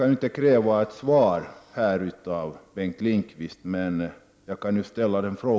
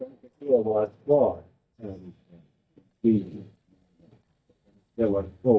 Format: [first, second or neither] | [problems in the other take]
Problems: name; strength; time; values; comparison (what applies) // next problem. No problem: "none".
first | noise reduction (neural mask model DeepFilterNet 3)